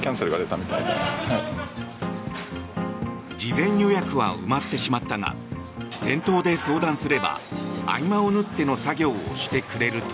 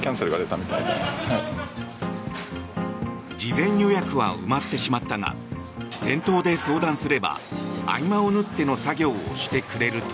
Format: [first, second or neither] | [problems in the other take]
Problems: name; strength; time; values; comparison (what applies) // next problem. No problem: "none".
second | background sound (Brass instrument); 13 dB below the speech